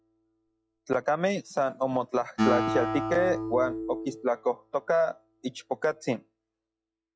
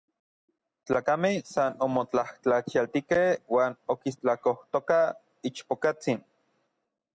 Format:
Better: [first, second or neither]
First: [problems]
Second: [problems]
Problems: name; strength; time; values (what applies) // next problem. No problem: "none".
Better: second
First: noise reduction (classical method log-MMSE)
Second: none